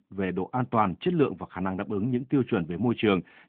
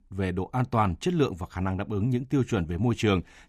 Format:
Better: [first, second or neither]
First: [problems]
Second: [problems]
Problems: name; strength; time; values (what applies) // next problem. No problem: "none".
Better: second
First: phone-call audio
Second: none